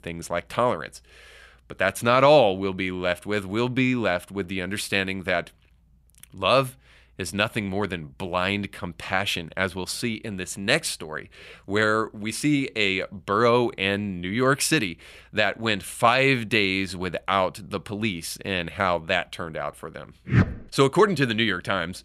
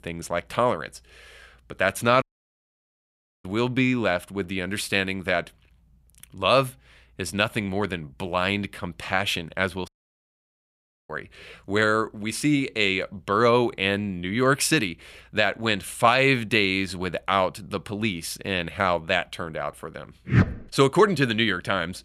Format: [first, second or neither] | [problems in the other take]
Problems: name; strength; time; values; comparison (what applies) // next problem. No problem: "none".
first | audio cutting out; at 2 s for 1 s and at 10 s for 1 s